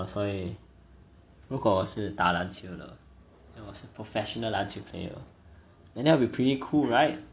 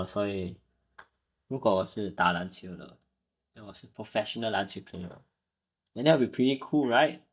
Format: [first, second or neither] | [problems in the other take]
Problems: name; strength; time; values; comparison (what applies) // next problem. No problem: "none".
first | noise reduction (neural mask model DeepFilterNet 3)